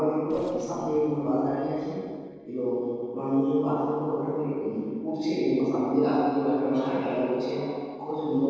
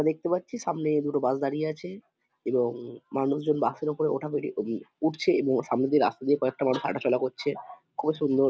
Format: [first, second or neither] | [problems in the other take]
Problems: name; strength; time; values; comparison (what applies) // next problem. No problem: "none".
second | noise reduction (neural separator model SepFormer DNS4)